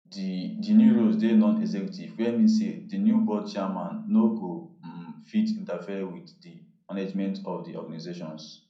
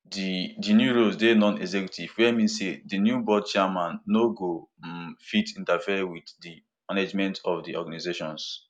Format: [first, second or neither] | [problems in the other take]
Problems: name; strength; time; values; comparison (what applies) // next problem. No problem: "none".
second | room echo; dies away in 0.6 s